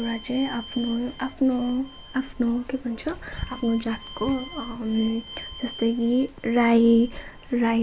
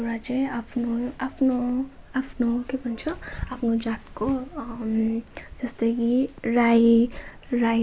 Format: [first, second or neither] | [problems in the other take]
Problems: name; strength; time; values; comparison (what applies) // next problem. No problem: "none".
second | background sound (Bowed string instrument); 18 dB below the speech